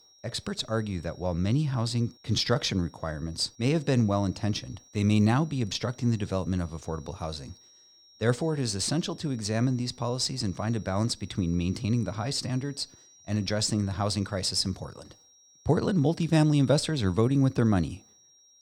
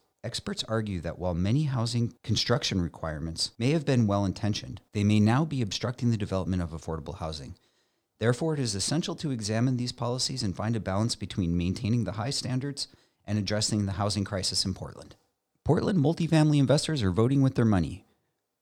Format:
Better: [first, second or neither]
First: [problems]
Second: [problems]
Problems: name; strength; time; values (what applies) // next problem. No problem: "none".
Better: second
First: high-pitched whine; faint; throughout; 5.5 kHz, 25 dB below the speech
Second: none